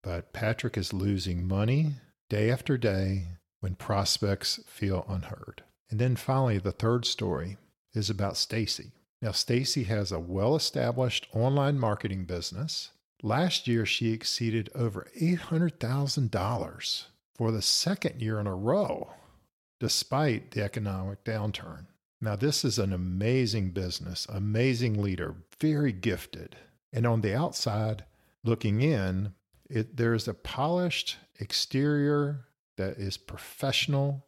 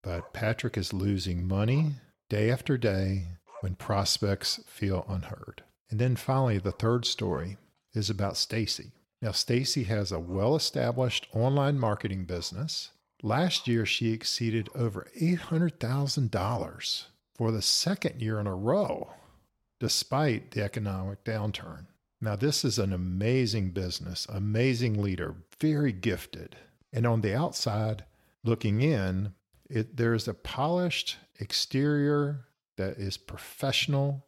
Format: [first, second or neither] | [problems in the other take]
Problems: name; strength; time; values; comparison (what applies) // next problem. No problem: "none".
first | animal sounds; faint; throughout; 30 dB below the speech